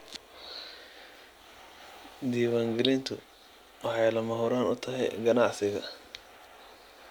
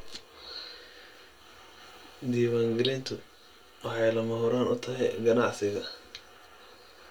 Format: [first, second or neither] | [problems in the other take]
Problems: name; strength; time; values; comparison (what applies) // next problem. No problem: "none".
first | room echo; dies away in 0.2 s